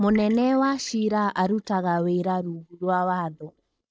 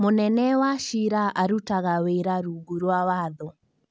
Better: second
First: noise reduction (neural mask model DeepFilterNet 3)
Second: none

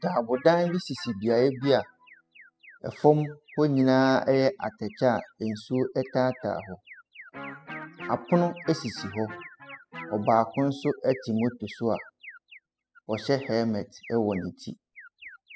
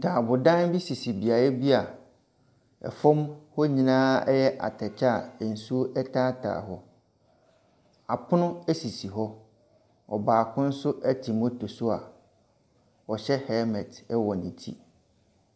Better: second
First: noise reduction (classical method spectral subtraction)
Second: none

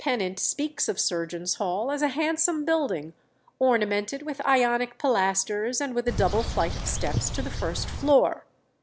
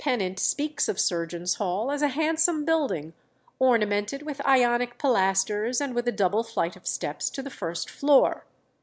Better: second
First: background sound (Bird); 3 dB below the speech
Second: none

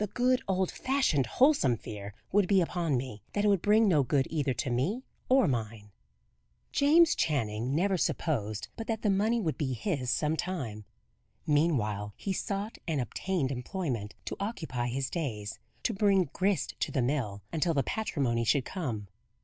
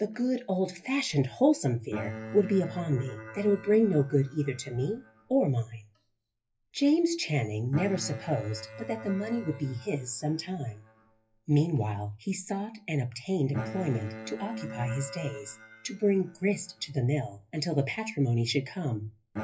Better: first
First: none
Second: noise reduction (classical method WPE with log-MMSE)

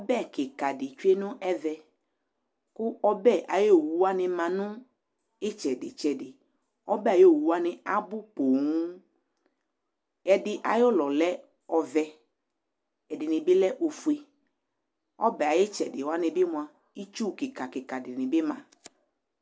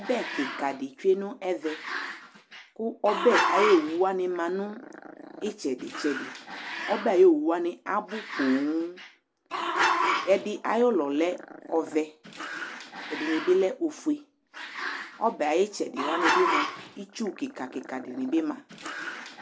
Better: first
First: none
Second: background sound (Growling); 5 dB below the speech

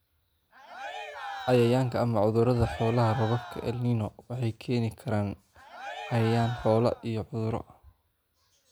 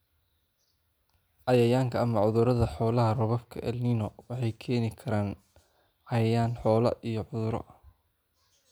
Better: second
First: background sound (Cheering); 13 dB below the speech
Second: none

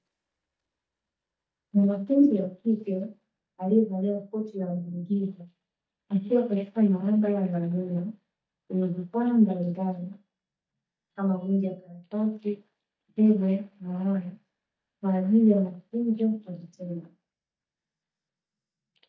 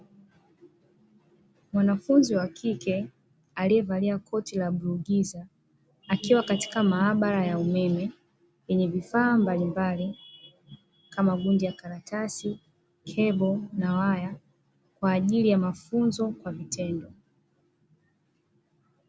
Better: second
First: noise reduction (neural mask model DeepFilterNet 3)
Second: none

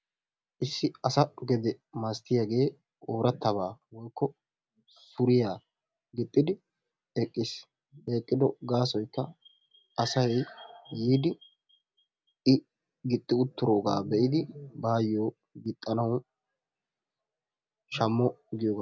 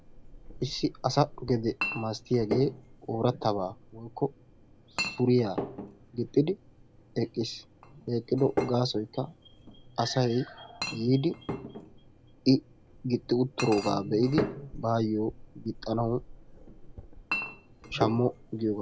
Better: first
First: none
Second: background sound (Chink, clink); 9 dB below the speech

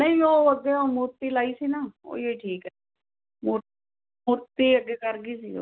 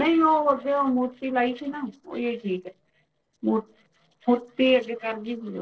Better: first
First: none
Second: noise reduction (neural separator model SepFormer DNS4)

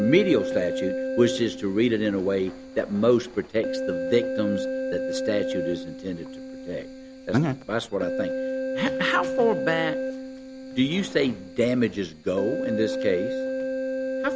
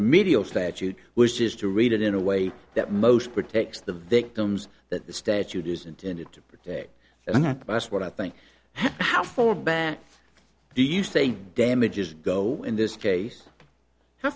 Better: second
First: background sound (Keyboard (musical)); 4 dB below the speech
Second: none

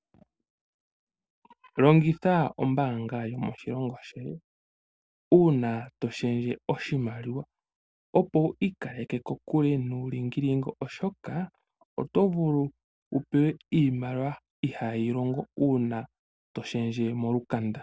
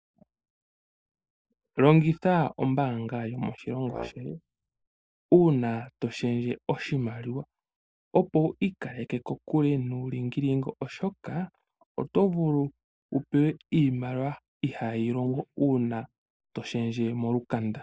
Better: first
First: none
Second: noise reduction (neural mask model Resemble Enhance denoiser)

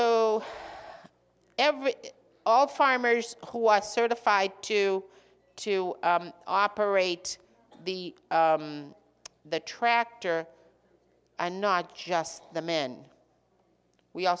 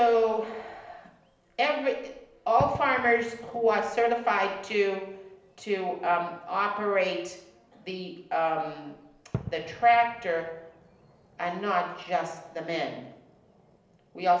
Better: first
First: none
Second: background sound (Fireworks); 19 dB below the speech // room echo; dies away in 0.8 s

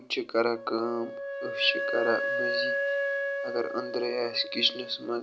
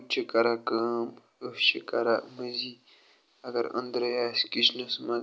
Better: second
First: background sound (Wind instrument, woodwind instrument); 2 dB below the speech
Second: none

